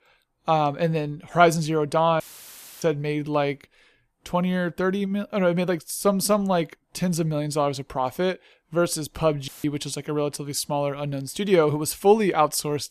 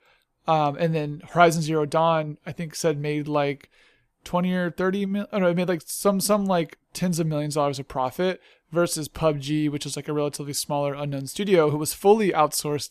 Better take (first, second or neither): second